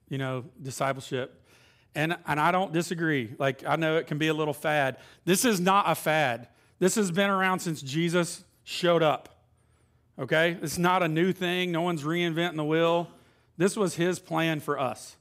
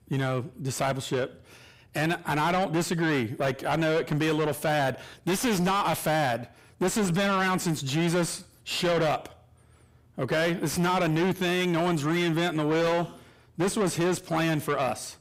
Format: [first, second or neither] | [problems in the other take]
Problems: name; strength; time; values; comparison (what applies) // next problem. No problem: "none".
first | distortion; heavy; 6 dB below the speech